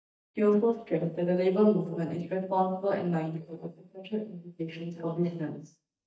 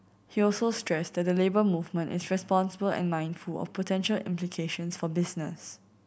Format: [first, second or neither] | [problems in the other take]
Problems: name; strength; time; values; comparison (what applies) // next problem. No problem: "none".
second | noise reduction (neural mask model DeepFilterNet 3)